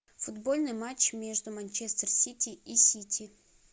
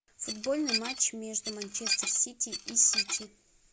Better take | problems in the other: first | background sound (Dishes, pots, and pans / Glass); 5 dB below the speech

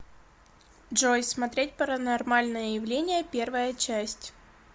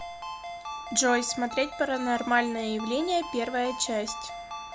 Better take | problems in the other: first | background sound (Ringtone); 10 dB below the speech

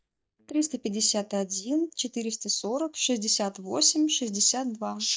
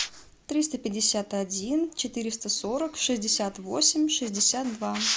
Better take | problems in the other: second | noise reduction (neural mask model DeepFilterNet 3)

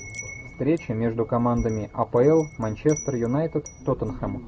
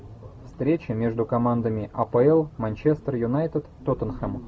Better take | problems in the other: second | background sound (Wind chime); 17 dB below the speech

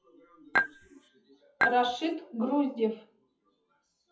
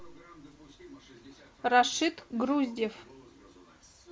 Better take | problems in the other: second | noise reduction (classical method WPE with log-MMSE)

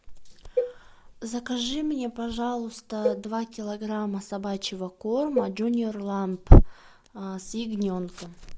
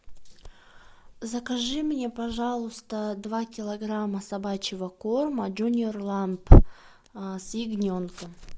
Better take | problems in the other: second | background sound (Cowbell); 10 dB below the speech

